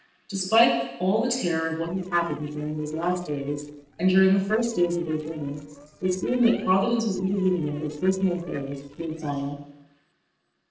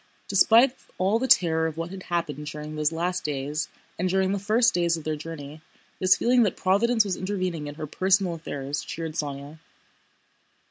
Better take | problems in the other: second | noise reduction (neural separator model SepFormer DNS4)

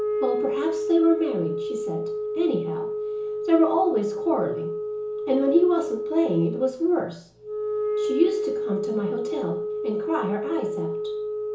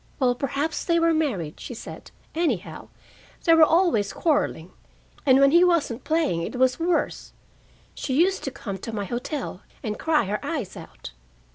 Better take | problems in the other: second | background sound (Wind instrument, woodwind instrument); 3 dB below the speech // room echo; dies away in 0.7 s

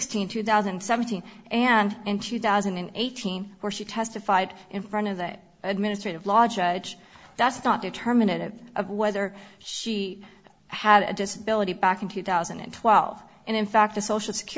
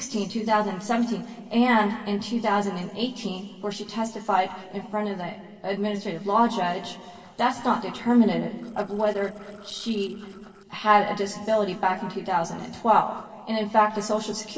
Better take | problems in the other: first | noise reduction (neural separator model SepFormer DNS4)

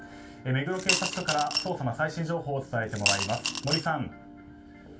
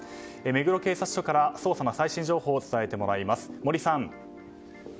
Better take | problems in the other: second | background sound (Coin (dropping) / Glass); 1 dB above the speech // room echo; dies away in 0.2 s

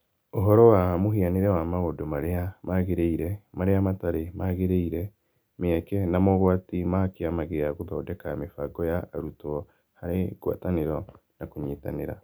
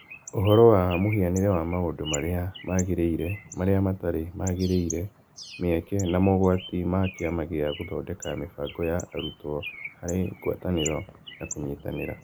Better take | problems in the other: first | background sound (Bird); 16 dB below the speech

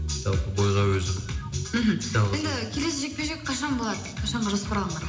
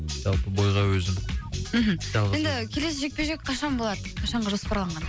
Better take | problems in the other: second | room echo; dies away in 0.8 s

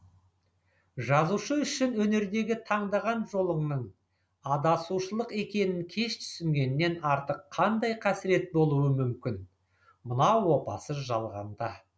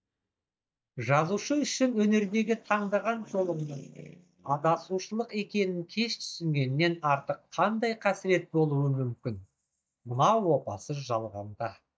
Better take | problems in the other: first | noise reduction (neural mask model DeepFilterNet 3)

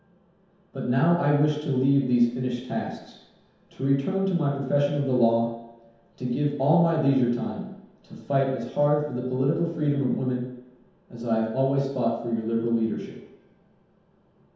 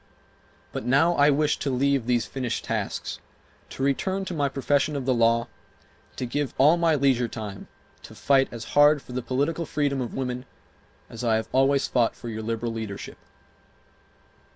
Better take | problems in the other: second | room echo; dies away in 0.9 s

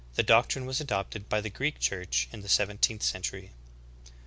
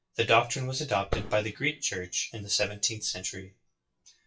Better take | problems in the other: first | noise reduction (classical method WPE with log-MMSE)

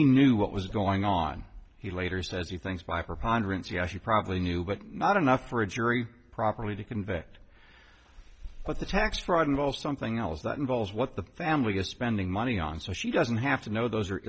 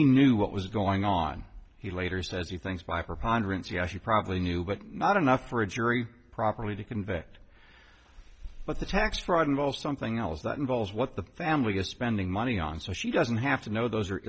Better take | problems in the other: second | background sound (Whoosh, swoosh, swish); 17 dB below the speech

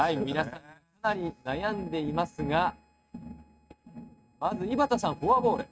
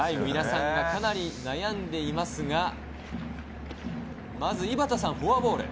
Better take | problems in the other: second | noise reduction (neural mask model RNNoise)

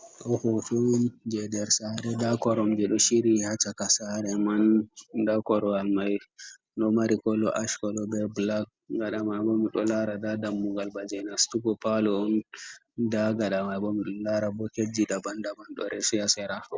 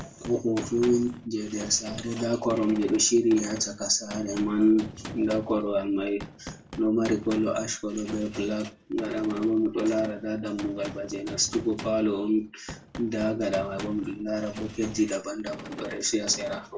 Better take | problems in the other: first | background sound (Gunshot, gunfire); 14 dB below the speech // room echo; dies away in 0.2 s

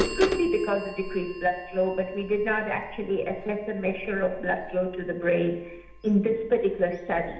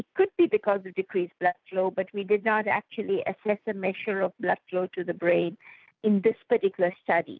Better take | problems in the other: second | background sound (Bird vocalization, bird call, bird song / Telephone); 11 dB below the speech // room echo; dies away in 0.8 s

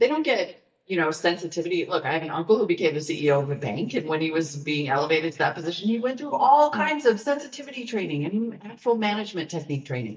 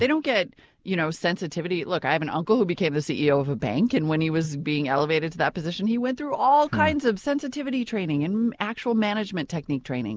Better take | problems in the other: second | noise reduction (neural mask model DeepFilterNet 3)

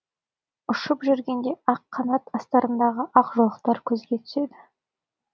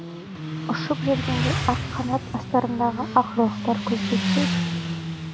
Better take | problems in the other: first | background sound (Motorcycle); 1 dB below the speech

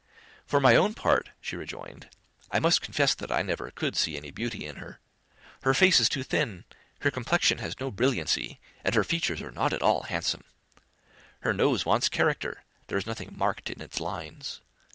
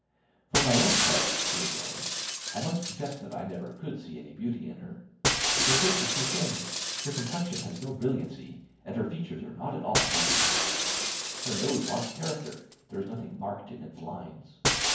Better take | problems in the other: first | background sound (Shatter); 3 dB above the speech // room echo; dies away in 0.9 s

